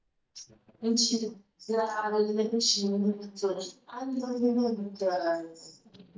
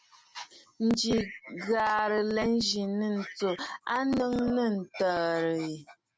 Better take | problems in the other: second | noise reduction (neural mask model DeepFilterNet 3)

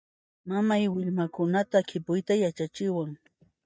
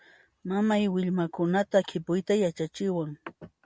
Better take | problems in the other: second | noise reduction (neural mask model DeepFilterNet 3)

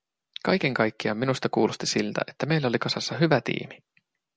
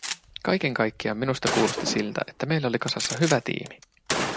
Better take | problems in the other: first | background sound (Gunshot, gunfire); 6 dB below the speech

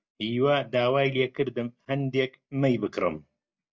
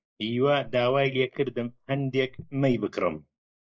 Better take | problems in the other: first | noise reduction (neural mask model Resemble Enhance denoiser)

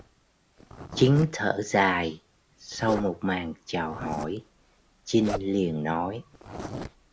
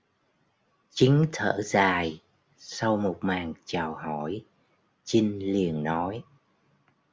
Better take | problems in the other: second | background sound (Zipper (clothing)); 12 dB below the speech

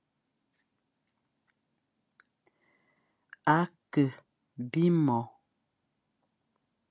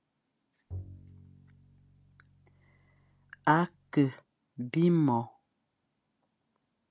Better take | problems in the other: first | background sound (Bowed string instrument); 17 dB below the speech

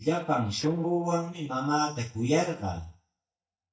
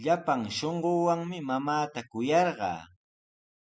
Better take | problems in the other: second | noise reduction (neural mask model DeepFilterNet 3)

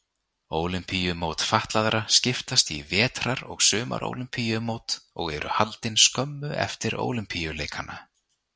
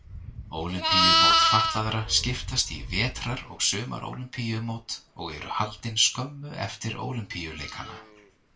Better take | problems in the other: first | background sound (Livestock, farm animals, working animals); 1 dB above the speech // room echo; dies away in 0.2 s

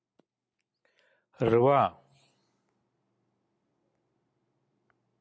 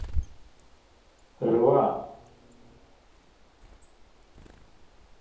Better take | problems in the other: first | background sound (Bird); 9 dB below the speech // room echo; dies away in 0.7 s

